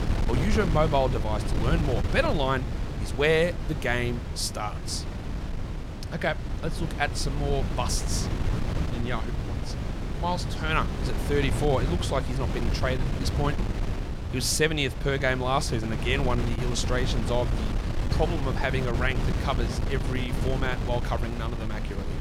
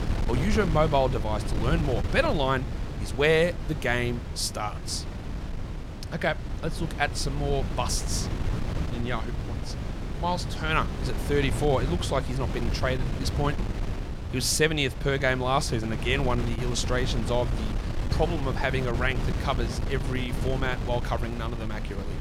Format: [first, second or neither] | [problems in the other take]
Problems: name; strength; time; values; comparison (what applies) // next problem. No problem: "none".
second | wind noise on the microphone; heavy; 9 dB below the speech; occasional gusts in the second